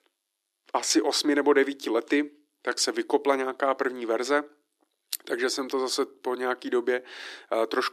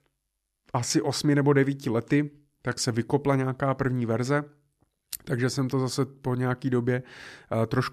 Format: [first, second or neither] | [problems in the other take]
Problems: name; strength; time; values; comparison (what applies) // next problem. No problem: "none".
second | thin; somewhat; fading below 300 Hz